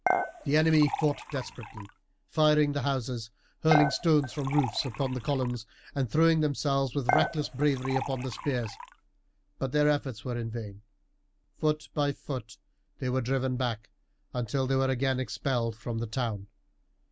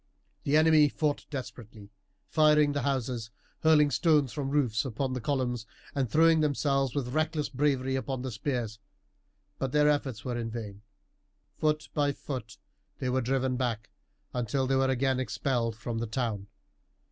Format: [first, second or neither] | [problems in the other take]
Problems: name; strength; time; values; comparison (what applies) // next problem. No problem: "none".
second | background sound (Dishes, pots, and pans / Chink, clink); 5 dB below the speech